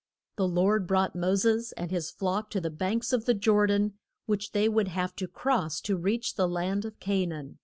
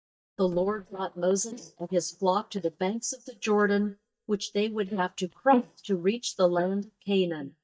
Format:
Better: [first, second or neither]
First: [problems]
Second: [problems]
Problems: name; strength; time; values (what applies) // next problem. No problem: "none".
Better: first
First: none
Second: noise reduction (neural mask model DeepFilterNet 3)